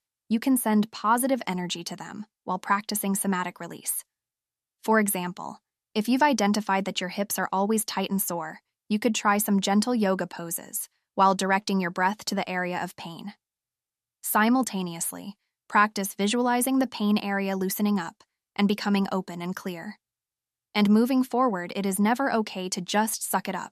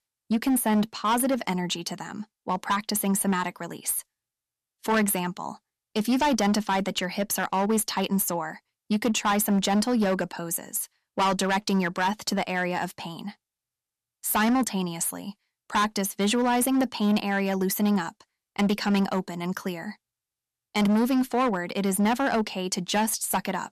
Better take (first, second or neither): first